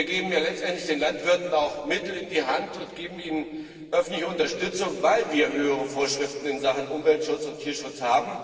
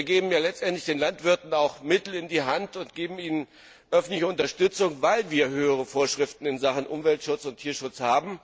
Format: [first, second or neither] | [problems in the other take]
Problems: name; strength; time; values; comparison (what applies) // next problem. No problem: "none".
second | noise reduction (neural separator model SepFormer DNS4)